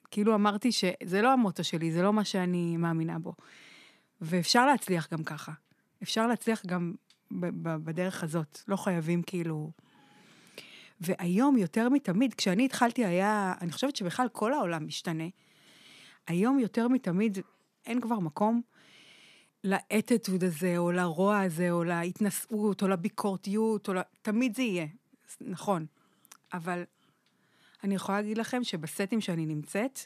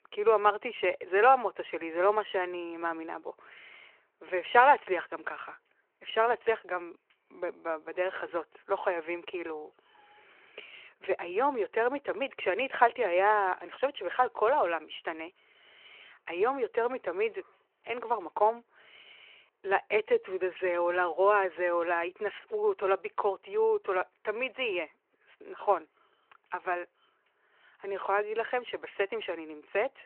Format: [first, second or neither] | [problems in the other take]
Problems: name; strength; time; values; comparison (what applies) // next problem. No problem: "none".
first | phone-call audio